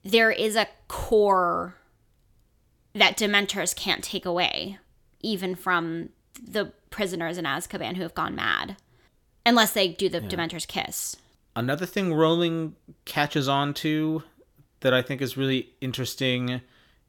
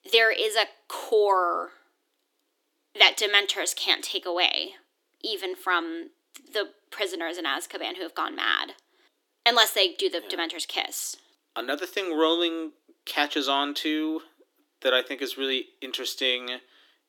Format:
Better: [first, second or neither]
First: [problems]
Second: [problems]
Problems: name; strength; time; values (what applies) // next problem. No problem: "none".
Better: first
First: none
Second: thin; somewhat; fading below 300 Hz